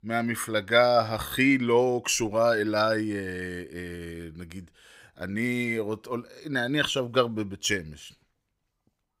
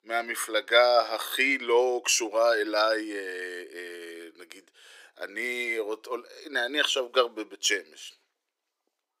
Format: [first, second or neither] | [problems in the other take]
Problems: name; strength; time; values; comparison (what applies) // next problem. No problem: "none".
first | thin; very; fading below 350 Hz